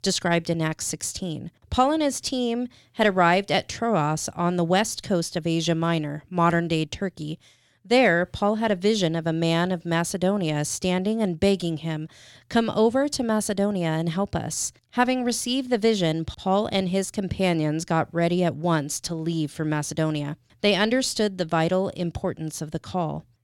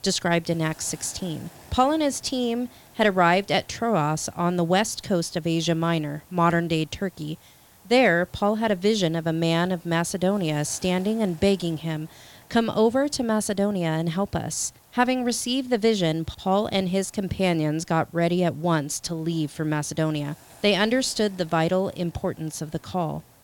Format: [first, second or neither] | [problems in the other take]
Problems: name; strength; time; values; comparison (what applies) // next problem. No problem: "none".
first | hiss; faint; throughout; 25 dB below the speech